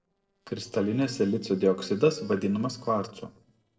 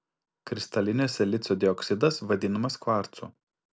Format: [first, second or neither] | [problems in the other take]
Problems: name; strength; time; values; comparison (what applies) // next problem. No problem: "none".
second | noise reduction (neural separator model SepFormer DNS4)